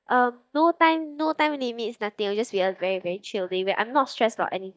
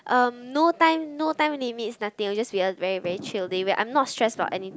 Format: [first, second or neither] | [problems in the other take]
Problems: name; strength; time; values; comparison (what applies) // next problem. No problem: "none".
second | noise reduction (neural mask model DeepFilterNet 3)